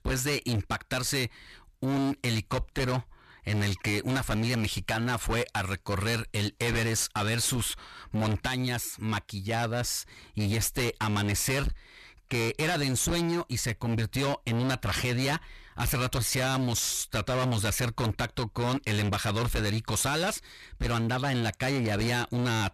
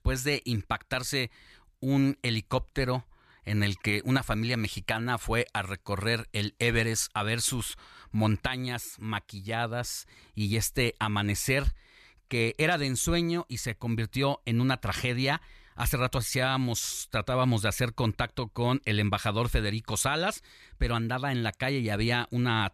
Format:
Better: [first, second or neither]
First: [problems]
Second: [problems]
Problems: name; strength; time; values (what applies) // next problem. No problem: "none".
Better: second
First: distortion; heavy; 26% of the sound clipped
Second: none